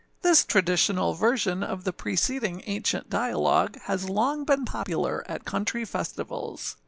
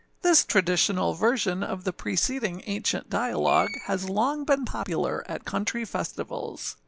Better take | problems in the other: first | background sound (Screech); 17 dB below the speech

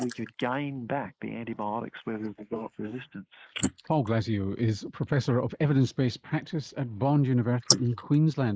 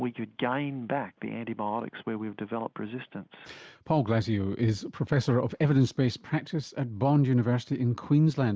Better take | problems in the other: second | noise reduction (neural mask model Resemble Enhance denoiser)

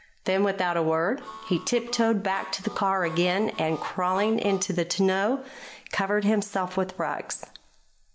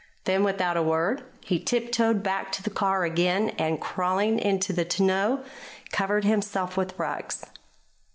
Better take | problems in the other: second | background sound (Harmonica); 17 dB below the speech

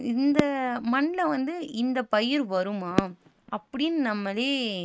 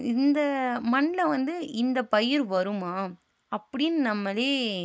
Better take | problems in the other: second | noise reduction (neural mask model RNNoise)

